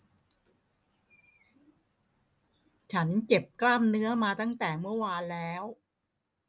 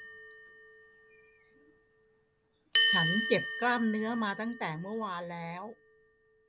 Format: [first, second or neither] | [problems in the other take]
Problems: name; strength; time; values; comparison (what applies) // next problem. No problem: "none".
first | background sound (Bell); 1 dB below the speech